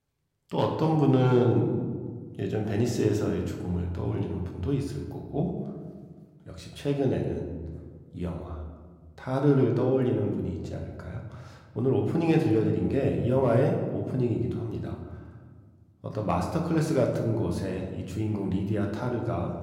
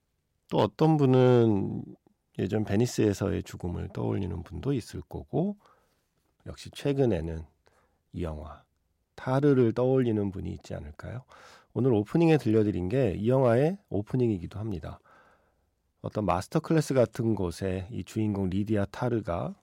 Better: second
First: room echo; slight; dies away in 1.2 s // off-mic speech; somewhat distant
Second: none

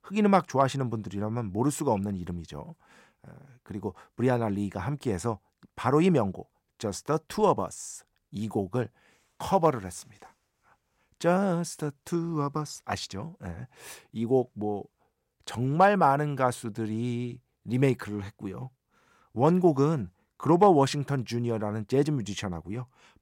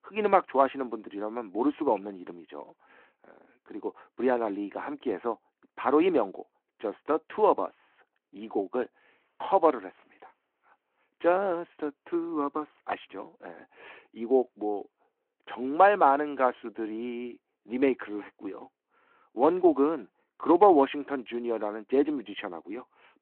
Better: first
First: none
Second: phone-call audio

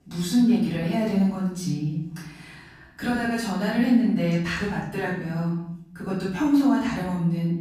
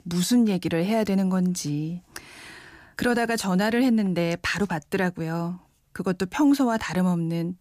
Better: second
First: off-mic speech; far // room echo; noticeable; dies away in 0.8 s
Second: none

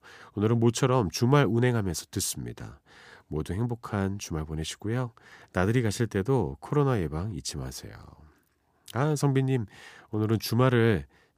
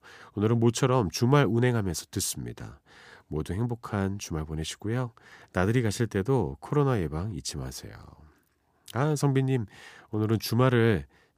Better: neither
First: none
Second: none

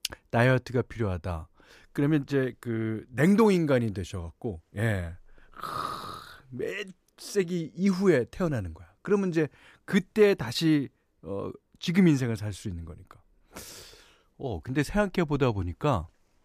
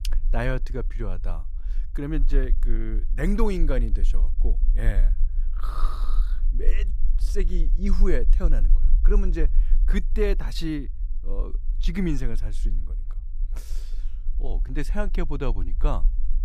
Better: first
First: none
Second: low rumble; noticeable; throughout; 20 dB below the speech

